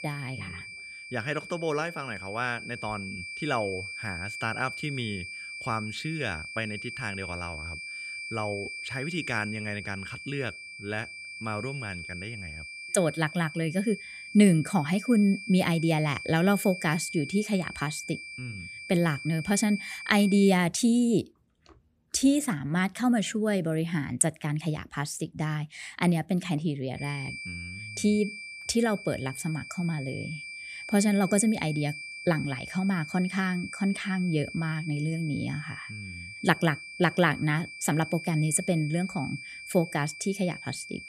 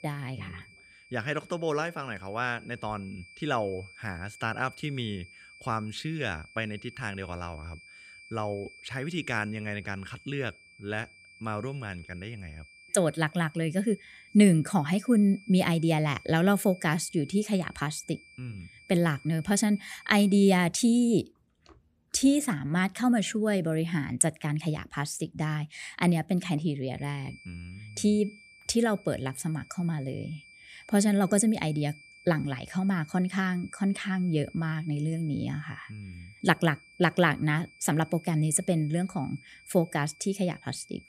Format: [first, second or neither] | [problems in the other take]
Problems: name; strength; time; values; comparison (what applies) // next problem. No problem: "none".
second | high-pitched whine; loud; until 21 s and from 27 s on; 2.5 kHz, 10 dB below the speech; faint in the second